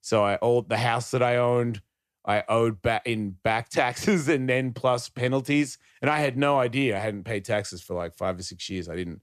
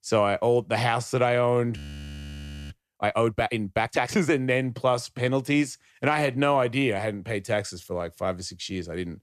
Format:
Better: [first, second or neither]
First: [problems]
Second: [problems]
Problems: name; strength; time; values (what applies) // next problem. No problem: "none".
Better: first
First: none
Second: audio freezing; at 2 s for 1 s